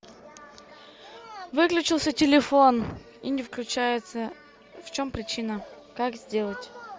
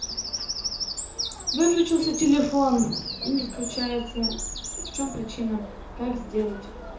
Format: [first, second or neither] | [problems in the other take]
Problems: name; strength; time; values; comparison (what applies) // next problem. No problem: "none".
first | background sound (Bird vocalization, bird call, bird song); 6 dB below the speech // room echo; dies away in 0.6 s